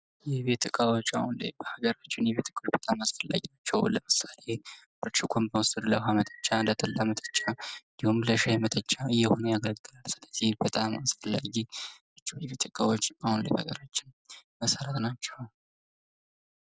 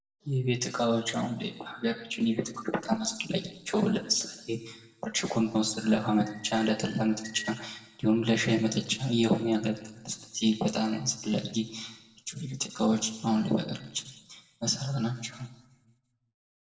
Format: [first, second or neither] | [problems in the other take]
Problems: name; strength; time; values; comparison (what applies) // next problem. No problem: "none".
first | room echo; dies away in 0.8 s